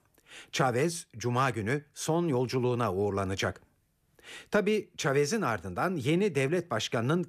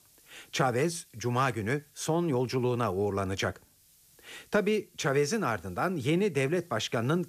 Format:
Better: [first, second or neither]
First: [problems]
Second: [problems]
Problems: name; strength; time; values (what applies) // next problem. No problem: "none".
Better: first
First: none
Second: hiss; faint; throughout; 30 dB below the speech